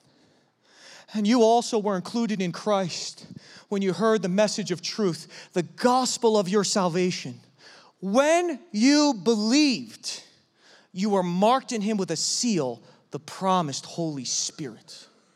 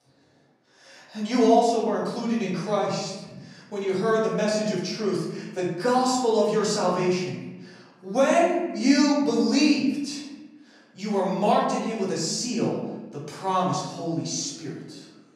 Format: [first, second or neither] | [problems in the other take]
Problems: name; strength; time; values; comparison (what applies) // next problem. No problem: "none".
first | room echo; noticeable; dies away in 1 s // off-mic speech; far